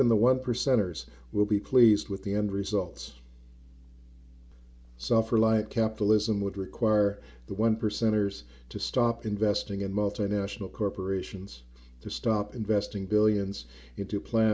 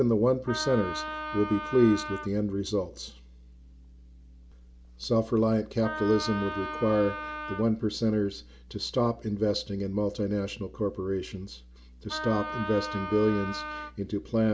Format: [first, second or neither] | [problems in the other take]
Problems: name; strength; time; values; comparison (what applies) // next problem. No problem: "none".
first | background sound (Wind instrument, woodwind instrument); 8 dB below the speech